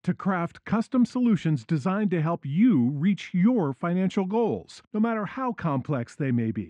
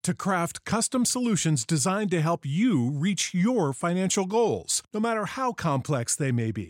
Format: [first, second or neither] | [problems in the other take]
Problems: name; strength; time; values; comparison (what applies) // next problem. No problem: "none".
second | muffled; very; fading above 2 kHz